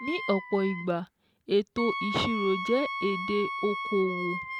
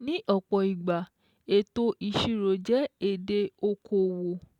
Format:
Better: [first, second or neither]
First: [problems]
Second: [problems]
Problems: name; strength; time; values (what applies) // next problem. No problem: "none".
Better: second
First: background sound (Wind instrument, woodwind instrument); 6 dB below the speech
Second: none